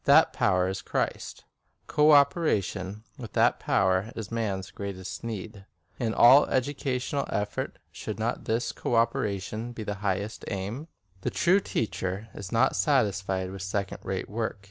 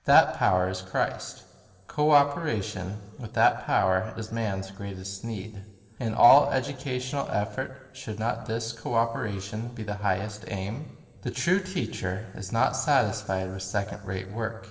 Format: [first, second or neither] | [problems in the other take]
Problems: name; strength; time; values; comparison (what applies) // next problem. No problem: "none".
first | room echo; dies away in 2.6 s